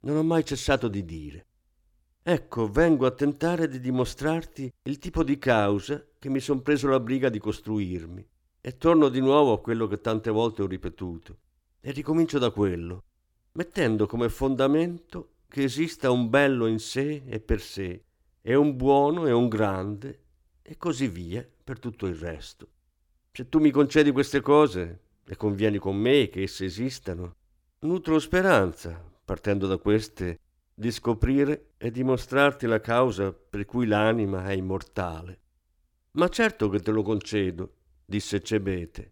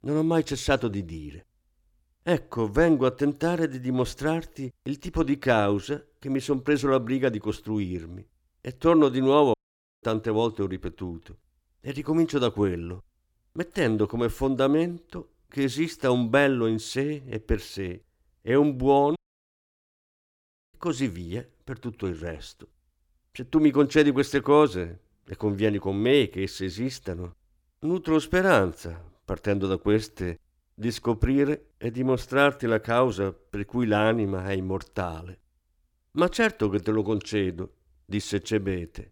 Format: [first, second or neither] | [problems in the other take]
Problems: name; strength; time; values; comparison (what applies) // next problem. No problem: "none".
first | audio cutting out; at 9.5 s and at 19 s for 1.5 s